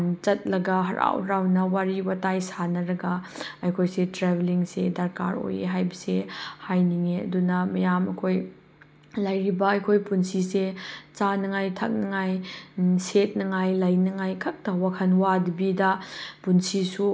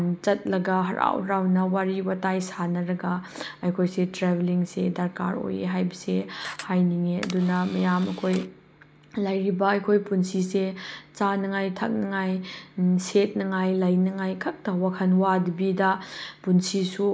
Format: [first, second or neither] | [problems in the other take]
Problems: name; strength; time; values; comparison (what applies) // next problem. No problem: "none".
first | background sound (Camera); 17 dB below the speech